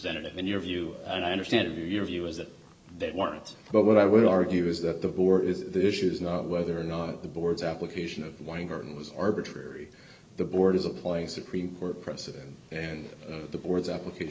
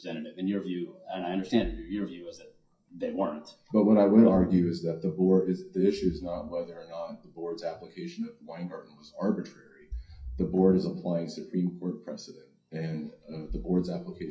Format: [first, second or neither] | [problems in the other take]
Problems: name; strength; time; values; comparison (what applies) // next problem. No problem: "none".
first | noise reduction (classical method WPE with log-MMSE)